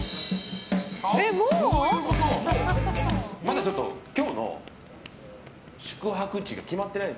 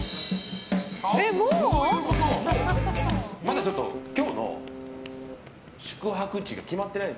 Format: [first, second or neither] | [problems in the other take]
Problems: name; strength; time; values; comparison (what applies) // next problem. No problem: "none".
first | background sound (Keyboard (musical)); 12 dB below the speech